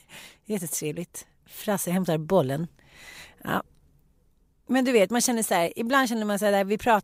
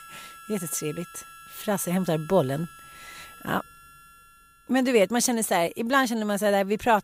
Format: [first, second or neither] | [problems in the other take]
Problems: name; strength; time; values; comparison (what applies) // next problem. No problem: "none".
first | background music; faint; throughout; 20 dB below the speech